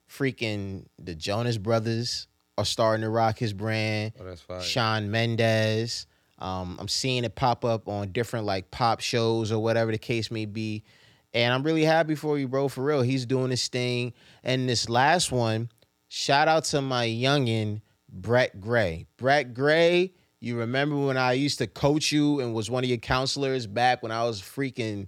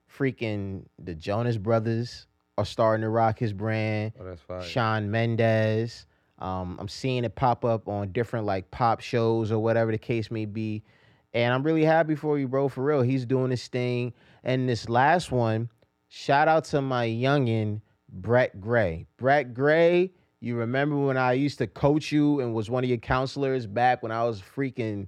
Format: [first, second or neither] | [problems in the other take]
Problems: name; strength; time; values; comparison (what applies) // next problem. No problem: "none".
first | muffled; slightly; fading above 3 kHz